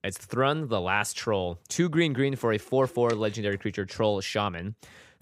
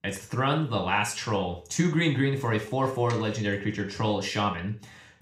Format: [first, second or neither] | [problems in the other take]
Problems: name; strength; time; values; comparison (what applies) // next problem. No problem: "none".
first | room echo; slight; dies away in 0.4 s // off-mic speech; somewhat distant